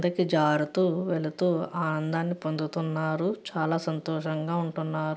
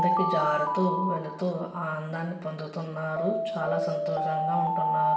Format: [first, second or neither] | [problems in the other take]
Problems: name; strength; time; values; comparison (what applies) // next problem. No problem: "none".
first | background sound (Alarm); 1 dB above the speech // room echo; dies away in 0.7 s